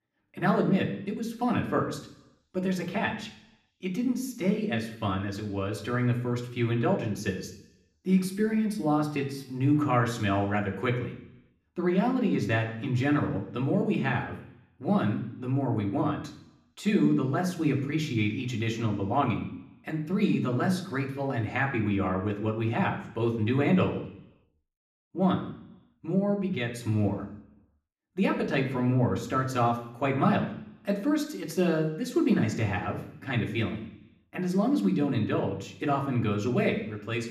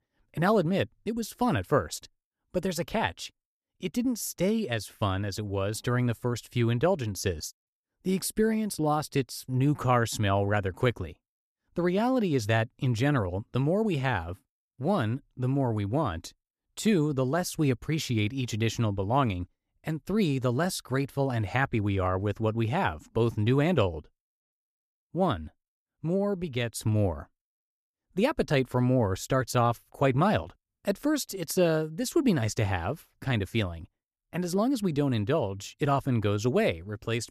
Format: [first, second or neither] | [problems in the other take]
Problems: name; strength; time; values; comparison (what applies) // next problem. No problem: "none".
second | room echo; slight; dies away in 0.8 s // off-mic speech; somewhat distant